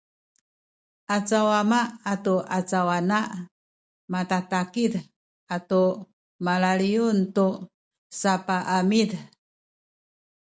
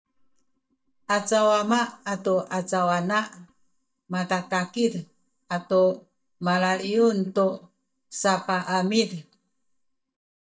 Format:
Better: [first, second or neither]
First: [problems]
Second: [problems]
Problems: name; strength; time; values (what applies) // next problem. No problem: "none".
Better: first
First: none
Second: noise reduction (neural mask model DeepFilterNet 3)